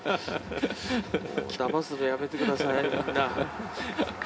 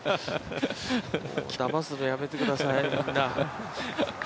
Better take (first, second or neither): second